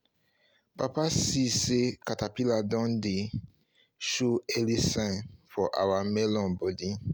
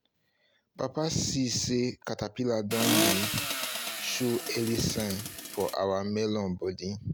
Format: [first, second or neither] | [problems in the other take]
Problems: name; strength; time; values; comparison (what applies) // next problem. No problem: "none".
first | background sound (Accelerating, revving, vroom); as loud as the speech